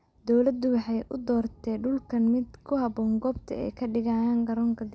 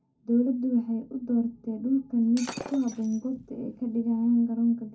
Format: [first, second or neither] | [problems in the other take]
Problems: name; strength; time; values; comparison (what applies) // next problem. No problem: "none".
first | background sound (Shatter); 16 dB below the speech // room echo; dies away in 0.3 s